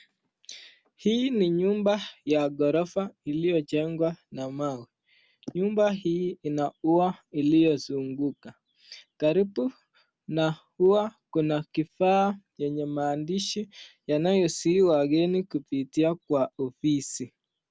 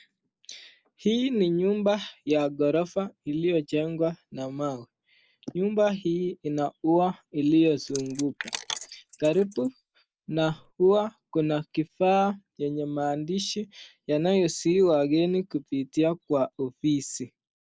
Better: first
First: none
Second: noise reduction (neural mask model Resemble Enhance denoiser)

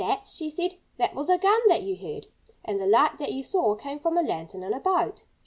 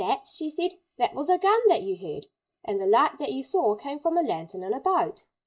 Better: first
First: none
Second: noise reduction (neural mask model Resemble Enhance denoiser)

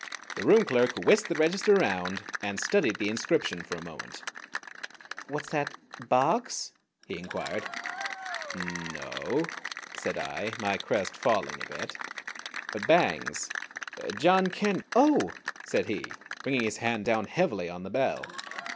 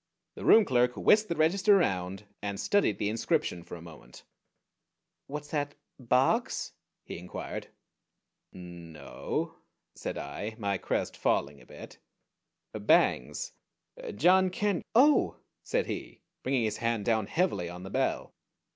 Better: second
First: background sound (Applause / Cheering); 10 dB below the speech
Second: none

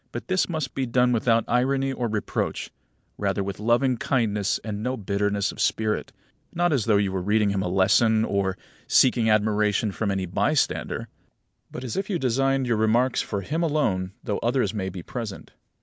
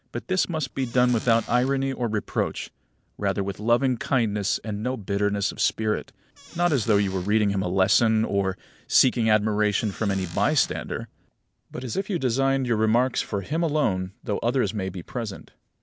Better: first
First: none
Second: background sound (Squeak / Cupboard open or close); 18 dB below the speech

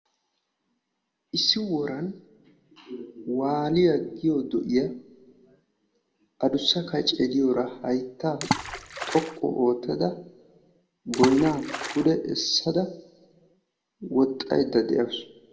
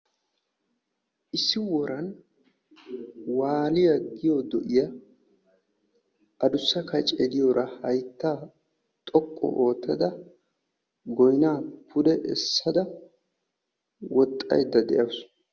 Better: second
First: background sound (Water / Splash, splatter); 4 dB below the speech // room echo; dies away in 0.5 s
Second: none

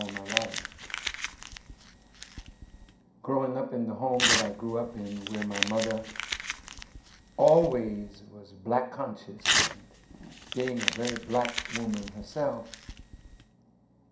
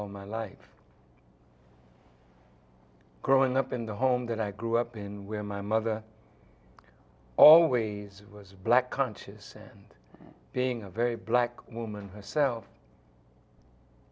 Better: second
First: background sound (Crumpling, crinkling / Tearing); 3 dB below the speech // room echo; dies away in 0.5 s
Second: none

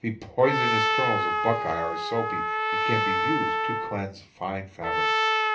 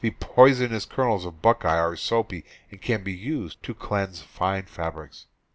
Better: second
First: background sound (Trumpet); 3 dB above the speech // room echo; dies away in 0.3 s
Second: none

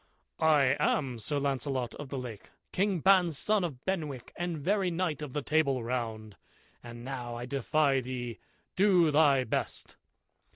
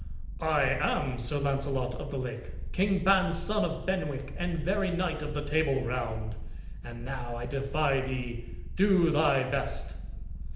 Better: first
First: none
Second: background sound (Purr); 6 dB below the speech // room echo; dies away in 0.8 s

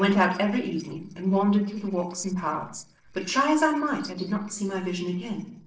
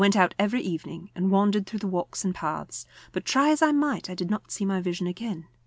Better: second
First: noise reduction (neural separator model SepFormer DNS4)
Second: none

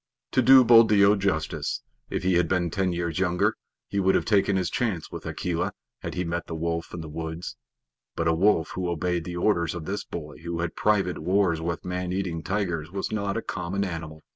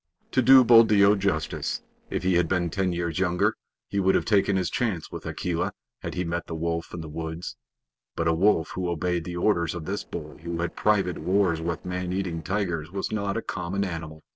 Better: first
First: none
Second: noise reduction (neural separator model SepFormer DNS4)

